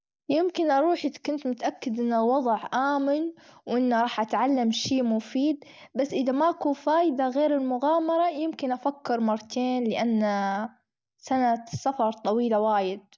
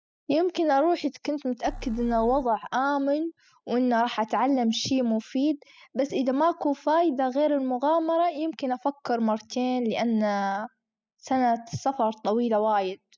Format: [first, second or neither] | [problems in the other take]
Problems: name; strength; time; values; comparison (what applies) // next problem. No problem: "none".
first | noise reduction (classical method spectral subtraction)